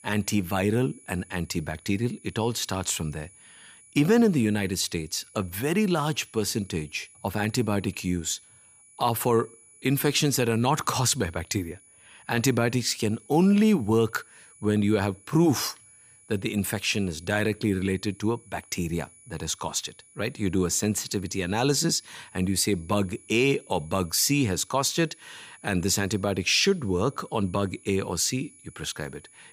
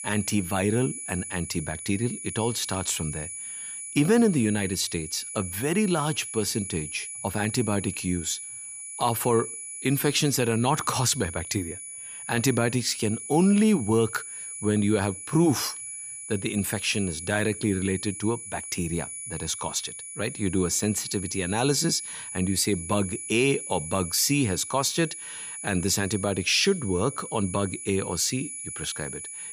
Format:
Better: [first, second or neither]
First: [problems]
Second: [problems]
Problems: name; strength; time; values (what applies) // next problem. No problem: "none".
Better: first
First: high-pitched whine; faint; throughout; 10 kHz, 25 dB below the speech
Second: high-pitched whine; loud; throughout; 10 kHz, 8 dB below the speech